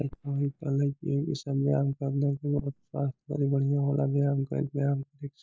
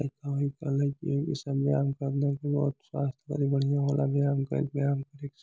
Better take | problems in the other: second | noise reduction (neural mask model DeepFilterNet 3)

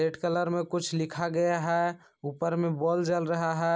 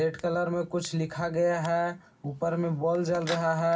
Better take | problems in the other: first | background sound (Scissors); 19 dB below the speech // room echo; dies away in 0.4 s

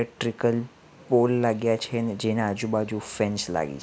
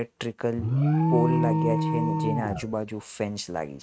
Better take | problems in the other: first | noise reduction (neural mask model RNNoise)

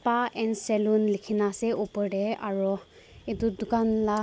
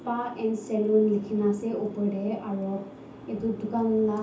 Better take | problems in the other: first | background sound (Boat, Water vehicle); 17 dB below the speech // room echo; dies away in 0.6 s

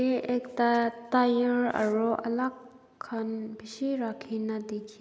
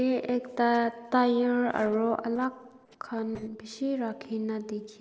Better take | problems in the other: first | noise reduction (neural separator model SepFormer DNS4)

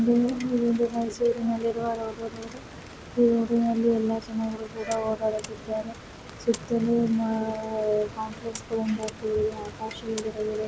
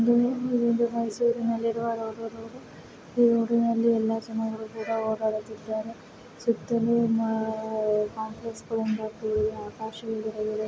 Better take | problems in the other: second | background sound (Mechanisms + Rain); 17 dB below the speech

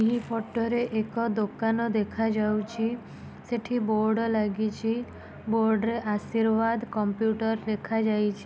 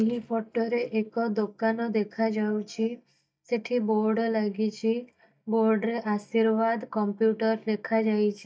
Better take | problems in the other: first | noise reduction (neural mask model DeepFilterNet 3)

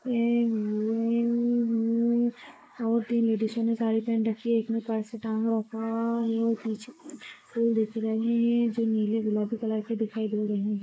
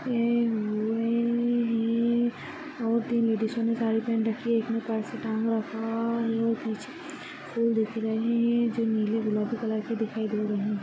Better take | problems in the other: second | noise reduction (neural mask model Resemble Enhance denoiser)

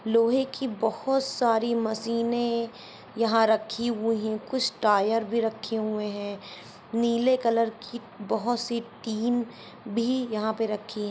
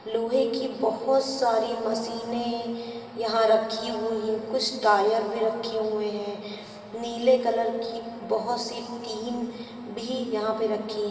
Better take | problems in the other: first | room echo; dies away in 2.6 s

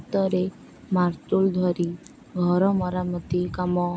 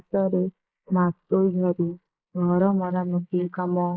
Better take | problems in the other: first | noise reduction (neural mask model Resemble Enhance denoiser)

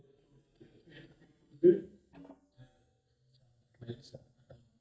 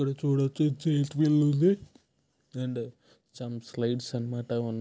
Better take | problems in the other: second | noise reduction (neural mask model DeepFilterNet 3)

